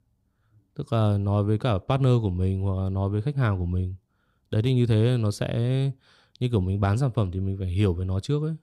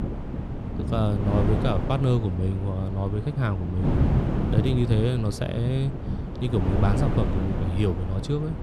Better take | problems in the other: first | wind noise on the microphone; heavy; 3 dB below the speech

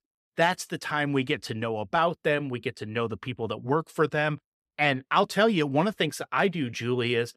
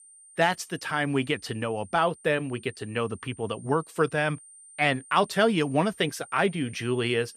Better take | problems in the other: first | high-pitched whine; faint; throughout; 9 kHz, 20 dB below the speech

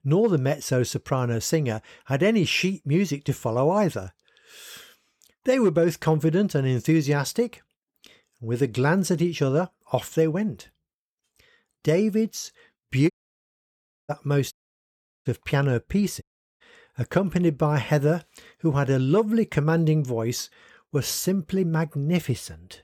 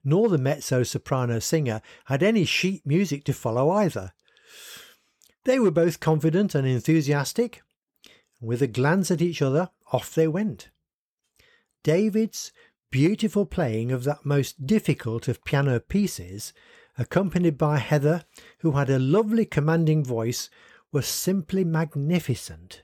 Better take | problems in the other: second | audio cutting out; at 13 s for 1 s, at 15 s for 0.5 s and at 16 s

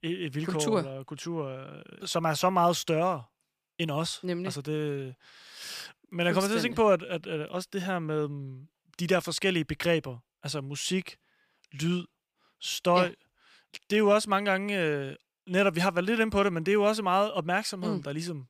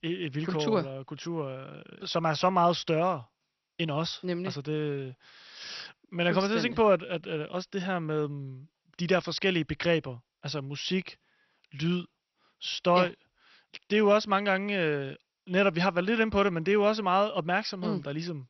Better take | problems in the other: first | garbled, watery; slightly; nothing above 6 kHz

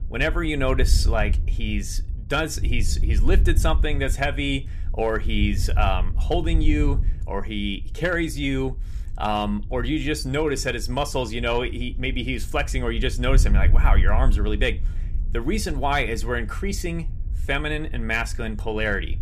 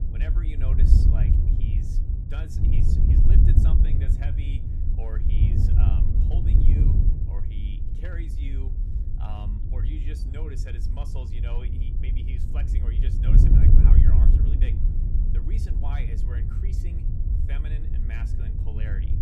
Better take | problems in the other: first | wind noise on the microphone; heavy; 4 dB above the speech; occasional gusts in the first

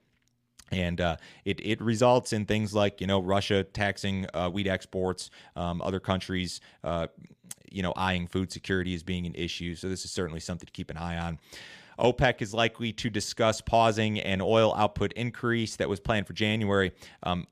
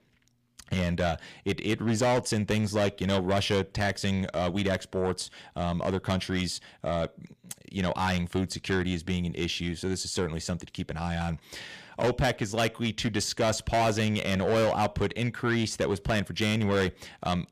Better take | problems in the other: first | distortion; heavy; 8 dB below the speech

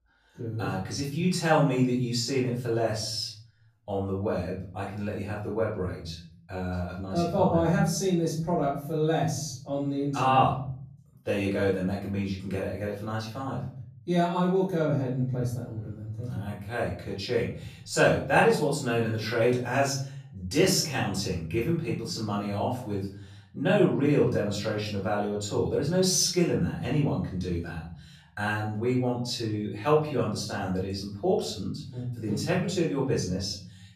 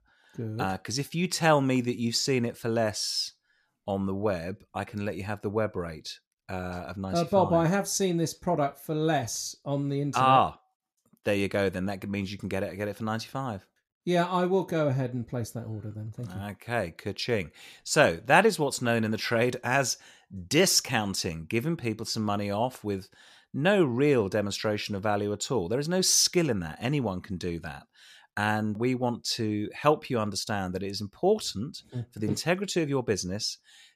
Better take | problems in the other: second | off-mic speech; far // room echo; noticeable; dies away in 1 s

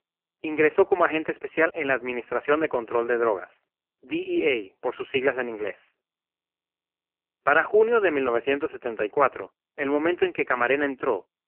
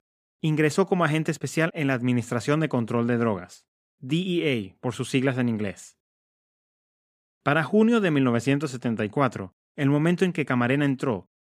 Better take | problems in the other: second | phone-call audio; poor line; nothing above 3 kHz

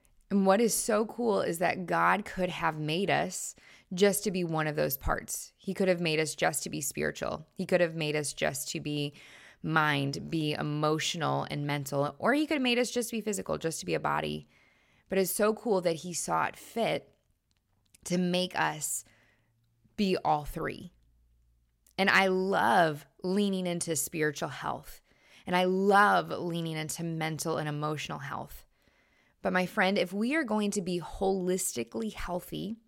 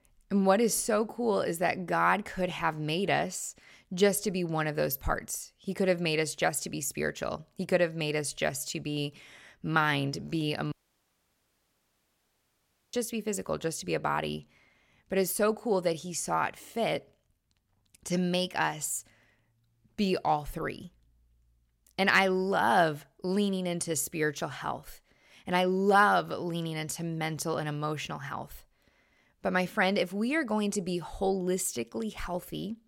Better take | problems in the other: first | audio cutting out; at 11 s for 2 s

